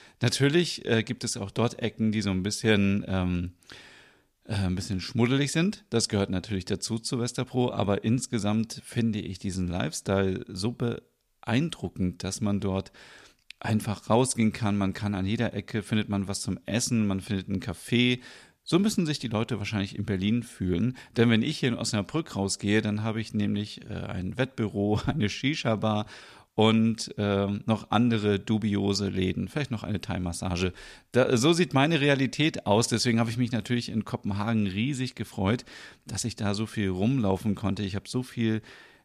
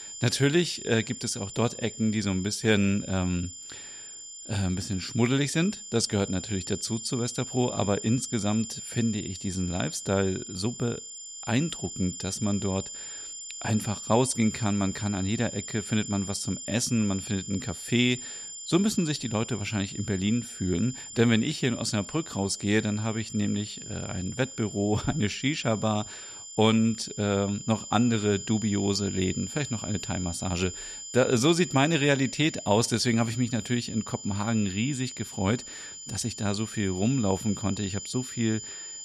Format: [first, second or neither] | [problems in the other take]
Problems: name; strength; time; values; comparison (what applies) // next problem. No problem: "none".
first | high-pitched whine; loud; throughout; 7 kHz, 10 dB below the speech